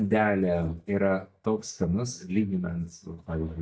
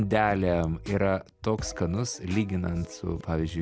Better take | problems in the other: second | noise reduction (neural mask model DeepFilterNet 3)

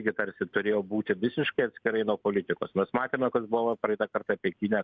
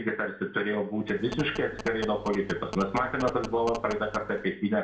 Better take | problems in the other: first | background sound (Telephone); 12 dB below the speech // room echo; dies away in 0.4 s

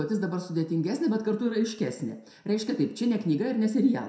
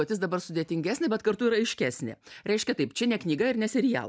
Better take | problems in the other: second | room echo; dies away in 0.6 s

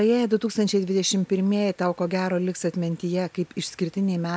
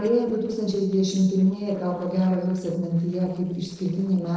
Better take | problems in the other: first | noise reduction (neural separator model SepFormer DNS4)

